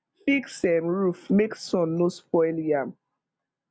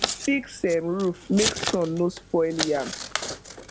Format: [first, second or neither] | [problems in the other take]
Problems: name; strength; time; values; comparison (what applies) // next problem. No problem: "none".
first | background sound (Scissors); 6 dB below the speech